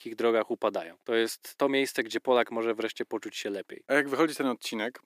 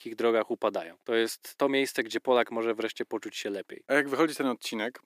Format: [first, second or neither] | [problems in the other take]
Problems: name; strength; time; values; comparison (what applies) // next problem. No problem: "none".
neither | thin; somewhat; fading below 300 Hz; the same in both